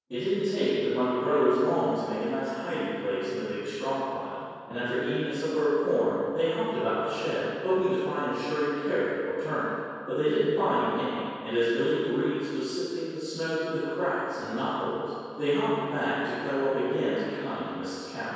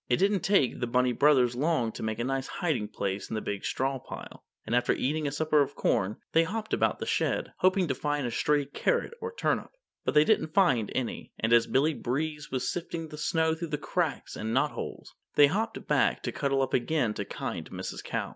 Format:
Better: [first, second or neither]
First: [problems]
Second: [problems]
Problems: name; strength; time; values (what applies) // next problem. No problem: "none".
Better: second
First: room echo; dies away in 2.2 s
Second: none